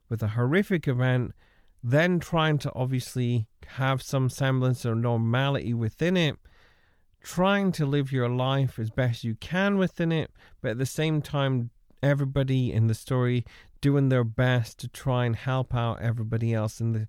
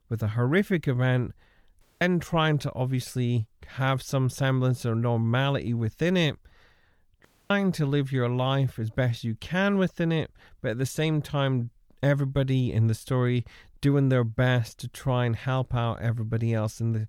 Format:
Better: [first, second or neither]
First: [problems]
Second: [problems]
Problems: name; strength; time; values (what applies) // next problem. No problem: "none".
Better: first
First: none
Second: audio cutting out; at 2 s and at 7.5 s